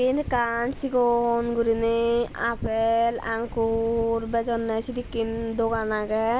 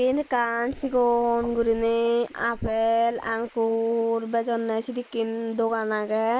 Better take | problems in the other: first | noise reduction (neural mask model Resemble Enhance denoiser)

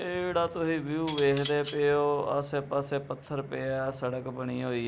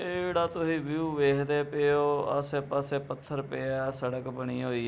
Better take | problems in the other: second | background sound (Cutlery, silverware); 14 dB below the speech

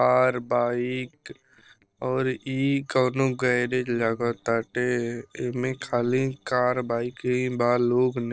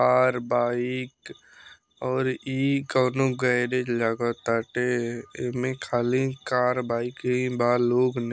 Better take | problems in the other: second | noise reduction (neural separator model SepFormer DNS4)

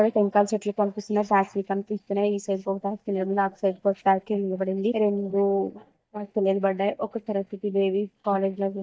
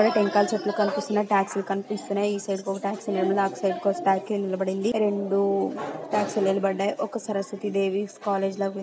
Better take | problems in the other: second | noise reduction (neural mask model DeepFilterNet 3)

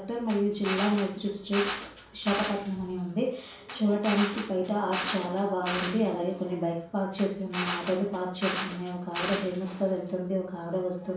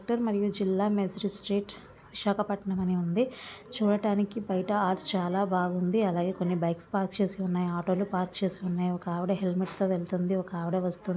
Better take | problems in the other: second | background sound (Drill); 8 dB below the speech // room echo; dies away in 0.4 s

